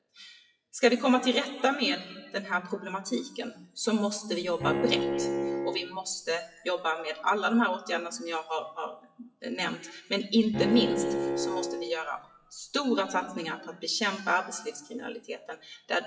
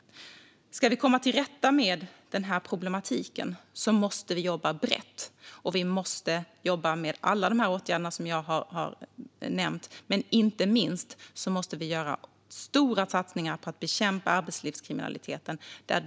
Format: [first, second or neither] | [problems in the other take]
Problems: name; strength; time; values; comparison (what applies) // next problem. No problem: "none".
second | noise reduction (classical method WPE with log-MMSE)